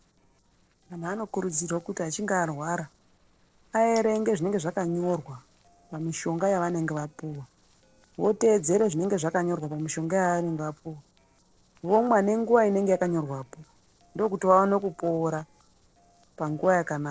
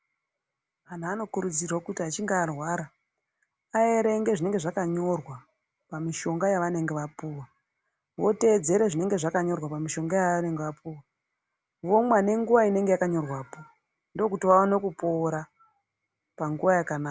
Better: second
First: noise reduction (neural separator model SepFormer DNS4)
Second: none

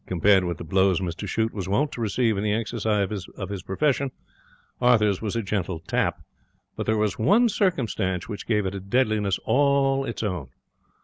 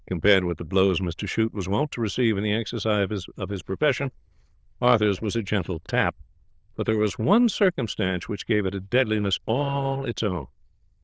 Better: first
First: none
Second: noise reduction (neural diffusion model UNIVERSE++)

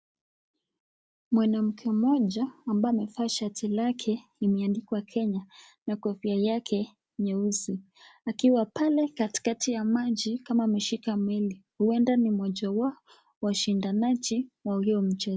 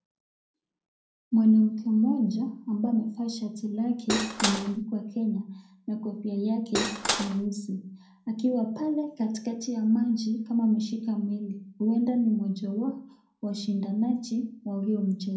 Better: first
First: none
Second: background sound (Cutlery, silverware / Dishes, pots, and pans); 2 dB below the speech // room echo; dies away in 0.5 s

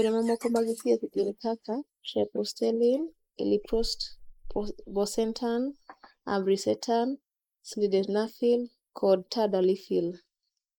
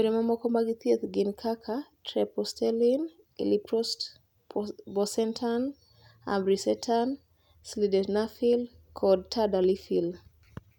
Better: second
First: noise reduction (neural mask model Resemble Enhance denoiser)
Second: none

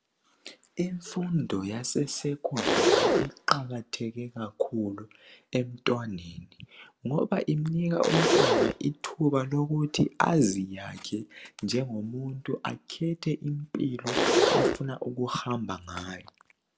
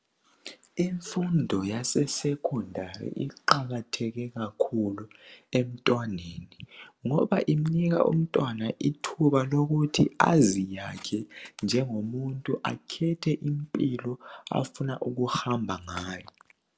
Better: second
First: background sound (Zipper (clothing)); 3 dB above the speech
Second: none

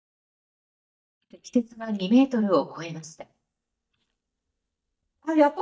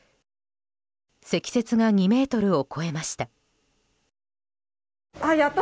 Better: second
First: noise reduction (neural mask model DeepFilterNet 3)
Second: none

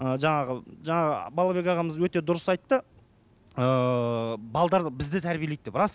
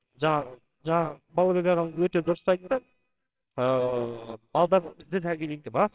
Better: first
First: none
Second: noise reduction (neural separator model SepFormer WHAMR!)

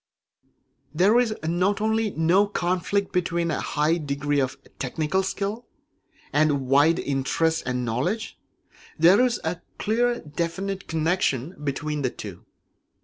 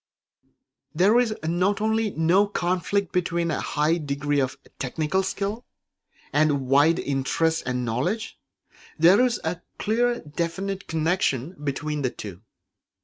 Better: first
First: none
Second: noise reduction (neural mask model RNNoise)

